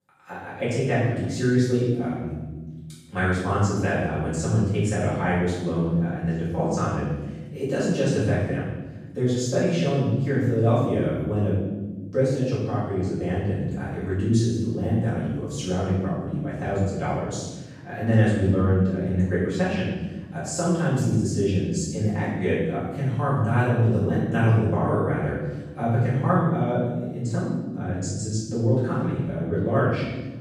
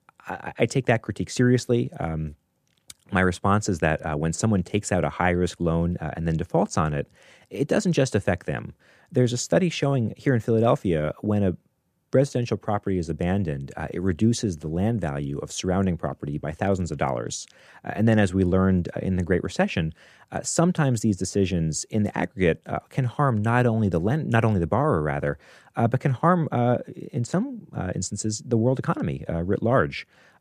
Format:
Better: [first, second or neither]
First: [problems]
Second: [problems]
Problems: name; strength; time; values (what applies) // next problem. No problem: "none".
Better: second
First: room echo; strong; dies away in 1.3 s // off-mic speech; far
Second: none